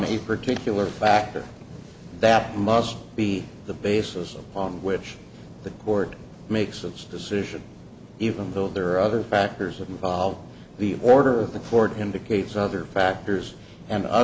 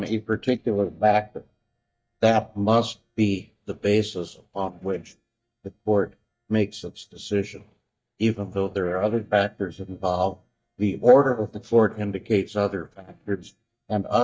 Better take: first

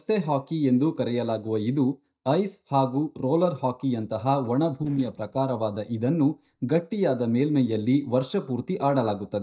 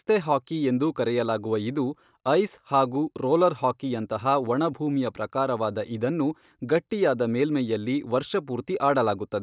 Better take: second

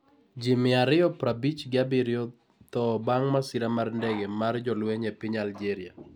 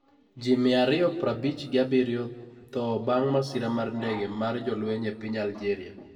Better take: first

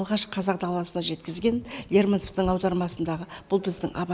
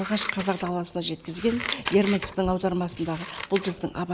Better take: first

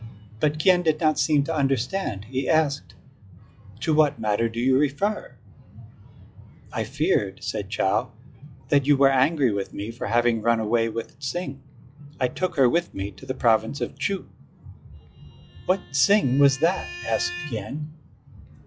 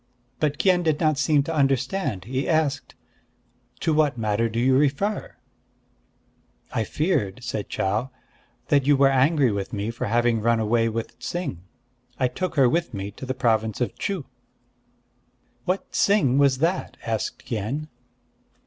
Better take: second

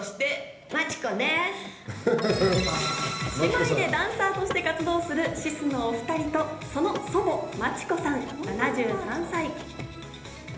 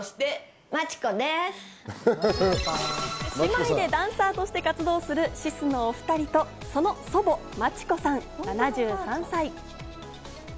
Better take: second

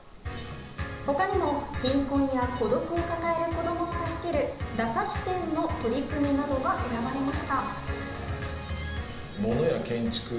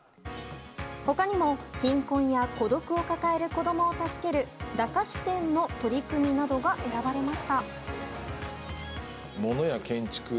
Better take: second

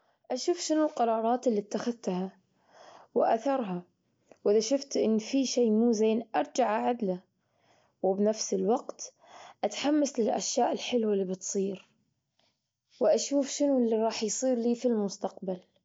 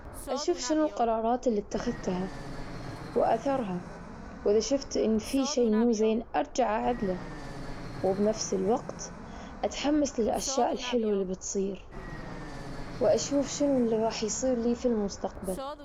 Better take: first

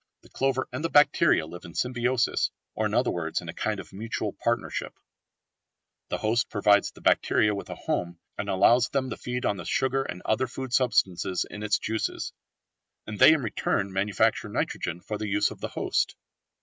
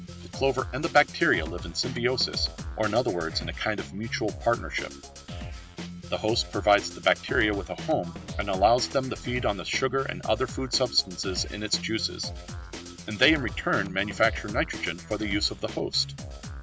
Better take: first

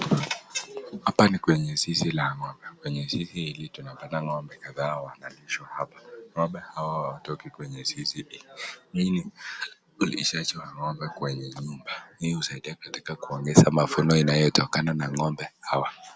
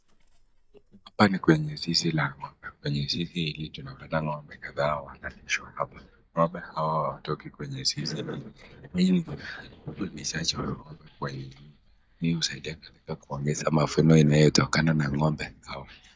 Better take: first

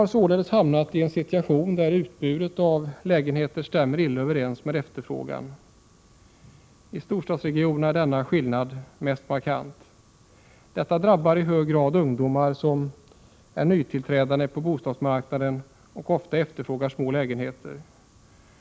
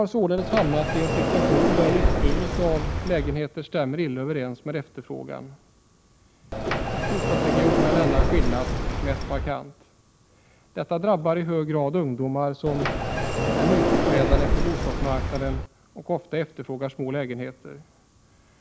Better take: first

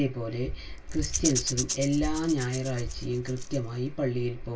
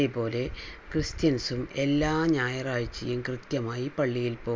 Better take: second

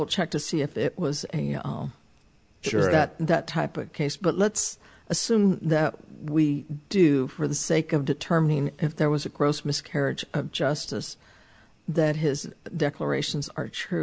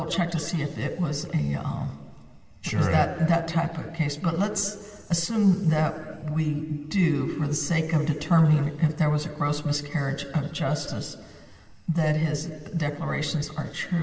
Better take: first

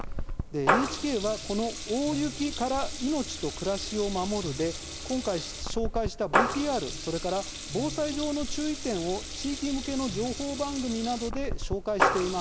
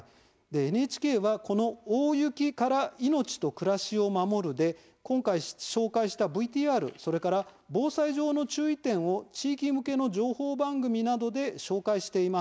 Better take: second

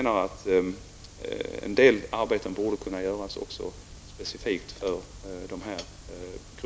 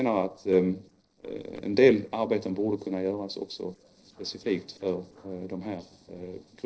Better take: first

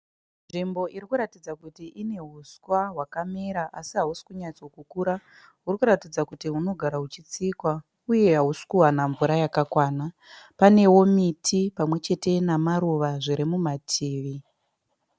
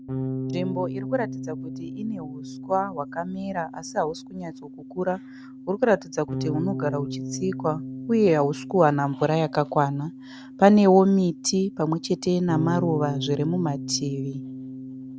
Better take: first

